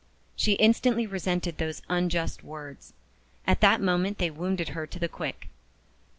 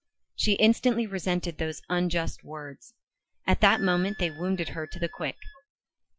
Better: first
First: none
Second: noise reduction (classical method Wiener filter)

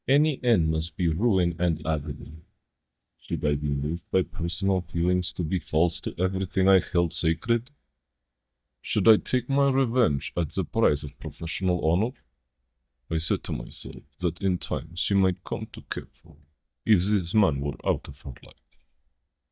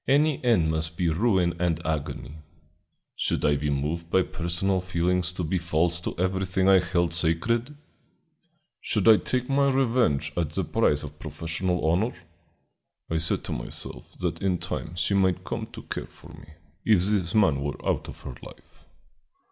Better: second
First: noise reduction (neural mask model DeepFilterNet 3)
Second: none

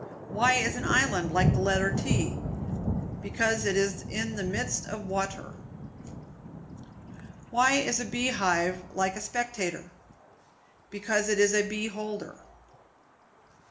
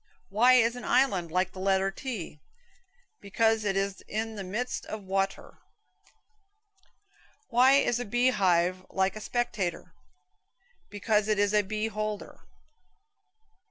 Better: second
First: background sound (Thunder); 5 dB below the speech // room echo; dies away in 0.4 s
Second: none

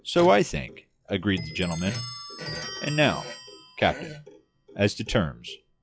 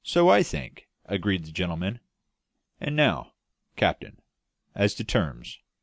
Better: second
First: noise reduction (classical method log-MMSE)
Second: none

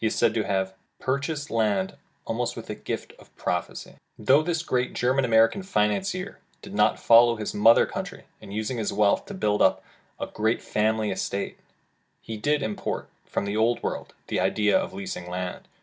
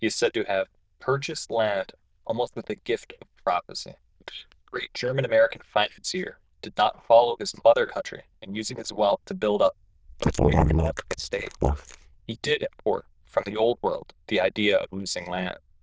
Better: first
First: none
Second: noise reduction (neural diffusion model UNIVERSE++)

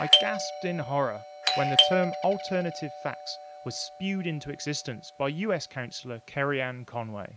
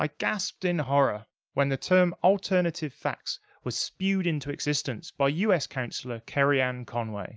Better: second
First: background sound (Doorbell); as loud as the speech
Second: none

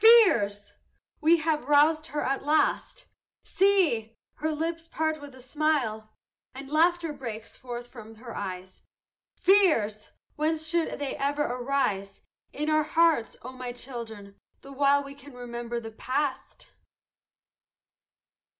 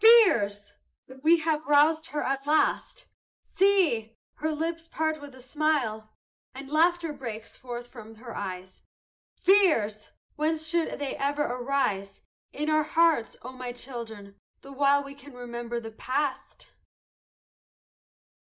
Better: first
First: none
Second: noise reduction (neural mask model Resemble Enhance denoiser)

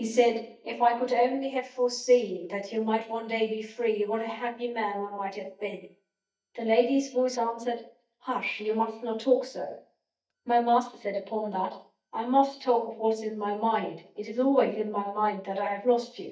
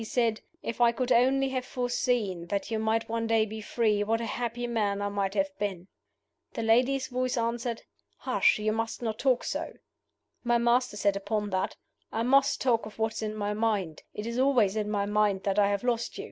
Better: second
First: noise reduction (neural mask model DeepFilterNet 3)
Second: none

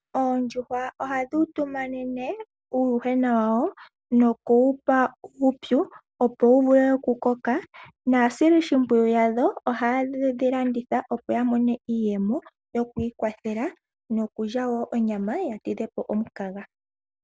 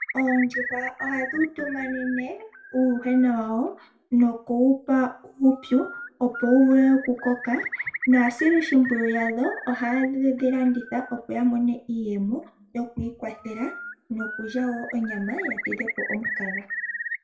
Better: first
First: none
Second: background sound (Bird); 11 dB below the speech // room echo; dies away in 0.3 s

